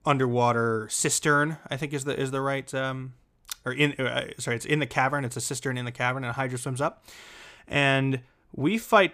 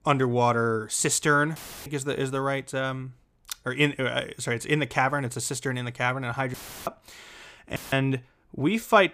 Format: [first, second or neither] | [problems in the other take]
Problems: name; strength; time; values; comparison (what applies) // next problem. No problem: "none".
first | audio cutting out; filled with static; at 1.5 s, at 6.5 s and at 8 s